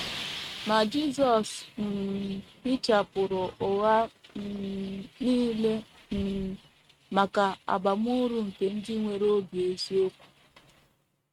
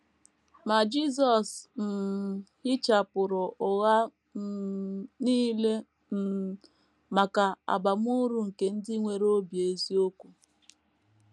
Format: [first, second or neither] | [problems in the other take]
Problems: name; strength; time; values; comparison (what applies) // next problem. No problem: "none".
second | noise reduction (neural mask model RNNoise)